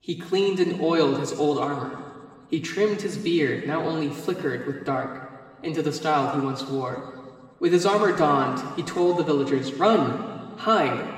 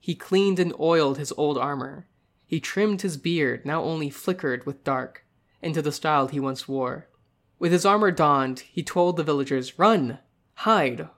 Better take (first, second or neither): second